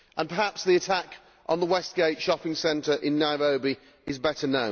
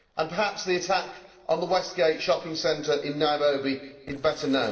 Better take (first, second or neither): first